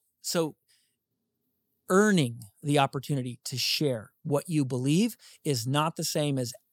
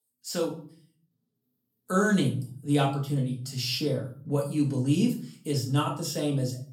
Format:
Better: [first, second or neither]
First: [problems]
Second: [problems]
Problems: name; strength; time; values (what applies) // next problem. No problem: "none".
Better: first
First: none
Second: room echo; slight; dies away in 0.4 s // off-mic speech; far